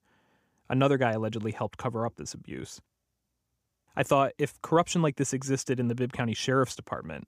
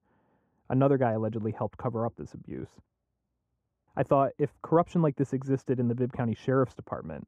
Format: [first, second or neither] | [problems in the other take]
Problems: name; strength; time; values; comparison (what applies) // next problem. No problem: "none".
first | muffled; very; fading above 2 kHz